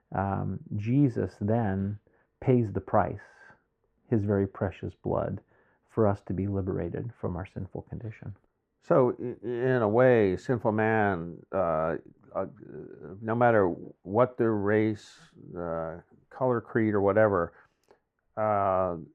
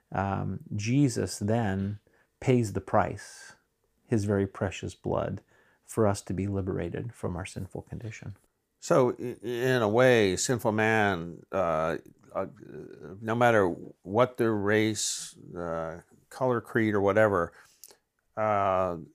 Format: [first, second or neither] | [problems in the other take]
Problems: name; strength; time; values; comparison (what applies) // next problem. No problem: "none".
second | muffled; very; fading above 3.5 kHz